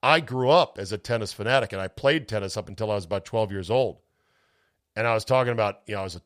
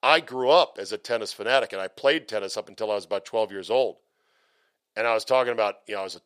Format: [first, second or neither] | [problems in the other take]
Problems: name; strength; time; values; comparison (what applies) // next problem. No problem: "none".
first | thin; somewhat; fading below 400 Hz